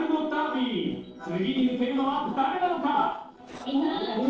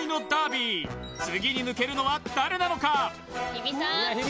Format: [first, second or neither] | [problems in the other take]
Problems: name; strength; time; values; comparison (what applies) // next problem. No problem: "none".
second | noise reduction (neural separator model SepFormer DNS4)